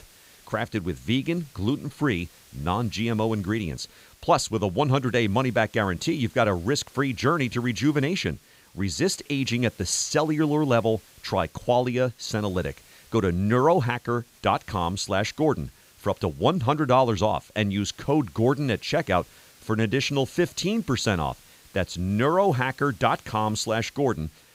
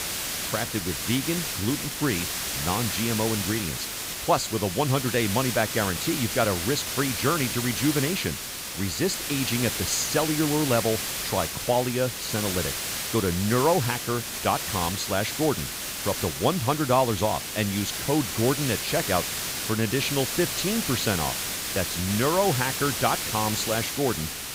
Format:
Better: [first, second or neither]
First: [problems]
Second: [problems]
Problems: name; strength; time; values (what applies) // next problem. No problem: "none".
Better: first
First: hiss; faint; throughout; 25 dB below the speech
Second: hiss; loud; throughout; 2 dB below the speech